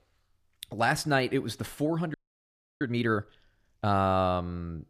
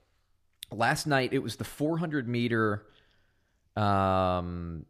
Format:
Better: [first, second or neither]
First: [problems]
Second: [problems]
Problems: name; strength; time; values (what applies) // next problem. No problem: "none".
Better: second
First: audio freezing; at 2 s for 0.5 s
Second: none